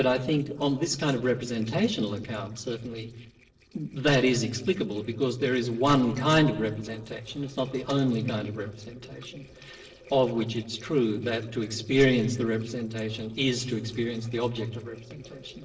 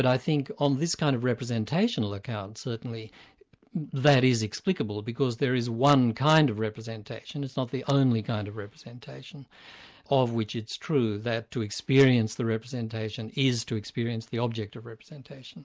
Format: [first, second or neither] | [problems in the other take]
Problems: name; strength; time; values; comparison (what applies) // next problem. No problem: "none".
second | noise reduction (neural separator model SepFormer DNS4)